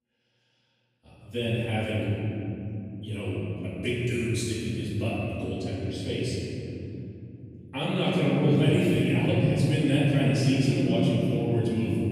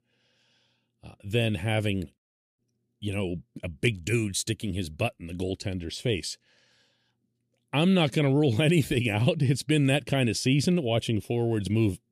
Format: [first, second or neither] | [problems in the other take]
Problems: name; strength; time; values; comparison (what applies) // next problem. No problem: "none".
second | off-mic speech; far // room echo; strong; dies away in 3 s